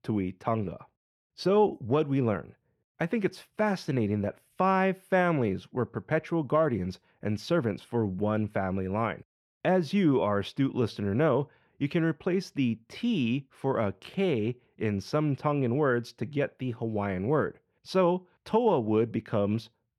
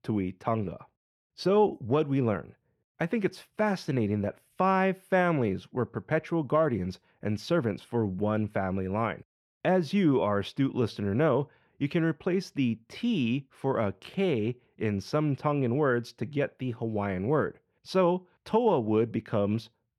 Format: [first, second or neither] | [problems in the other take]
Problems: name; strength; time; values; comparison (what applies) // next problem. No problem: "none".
neither | muffled; slightly; fading above 4 kHz; the same in both